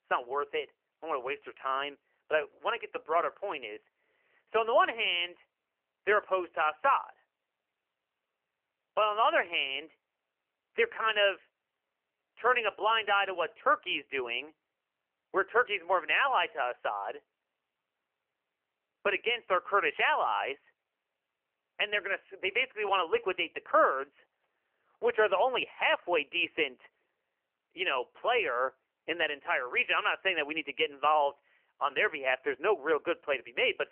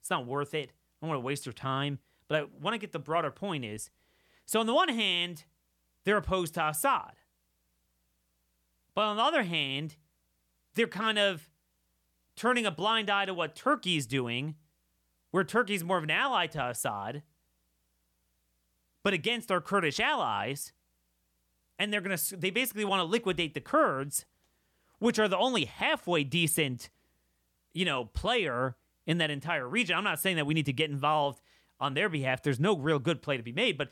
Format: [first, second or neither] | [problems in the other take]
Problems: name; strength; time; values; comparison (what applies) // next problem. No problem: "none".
second | phone-call audio; nothing above 3 kHz